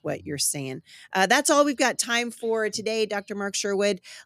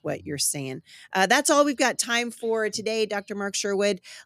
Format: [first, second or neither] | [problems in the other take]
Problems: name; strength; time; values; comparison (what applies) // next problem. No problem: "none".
neither | none